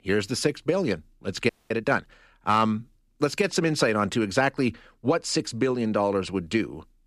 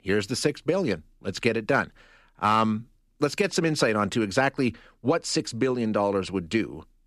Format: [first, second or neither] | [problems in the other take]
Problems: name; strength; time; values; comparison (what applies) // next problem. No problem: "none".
second | audio freezing; at 1.5 s